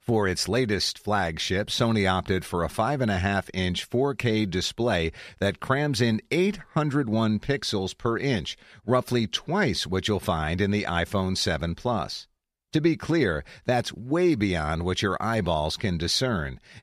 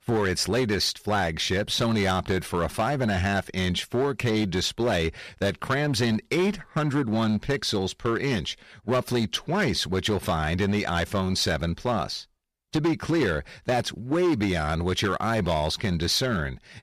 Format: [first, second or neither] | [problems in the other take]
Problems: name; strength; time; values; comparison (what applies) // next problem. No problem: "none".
first | distortion; slight; 9% of the sound clipped